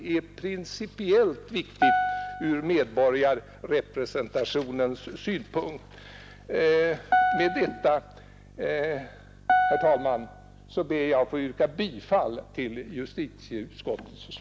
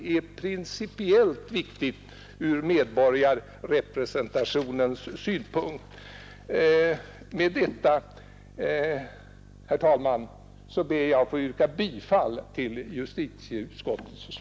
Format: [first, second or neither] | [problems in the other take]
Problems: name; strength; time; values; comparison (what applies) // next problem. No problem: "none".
second | background sound (Piano); as loud as the speech